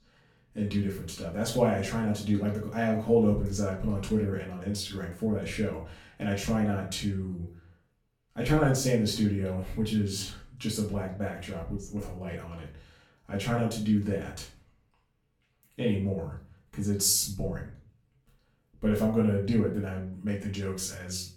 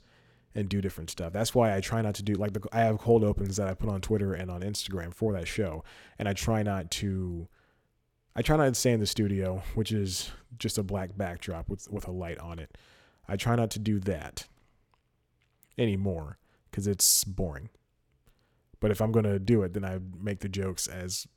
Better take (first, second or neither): second